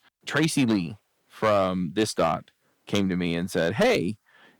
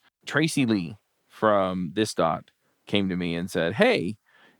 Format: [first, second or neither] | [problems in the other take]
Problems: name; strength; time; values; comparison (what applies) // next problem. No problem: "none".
second | distortion; slight; 3% of the sound clipped